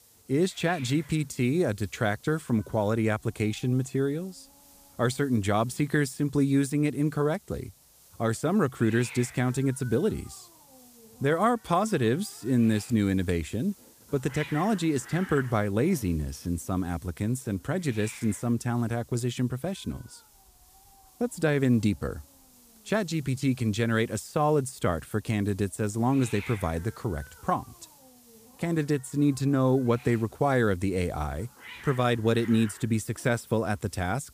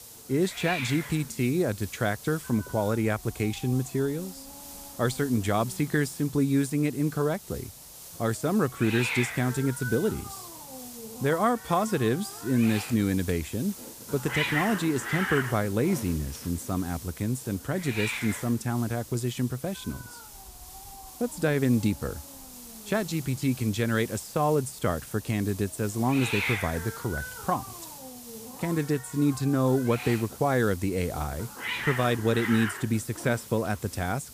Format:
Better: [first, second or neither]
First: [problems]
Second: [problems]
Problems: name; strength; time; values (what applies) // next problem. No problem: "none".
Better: first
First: hiss; faint; throughout; 20 dB below the speech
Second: hiss; loud; throughout; 9 dB below the speech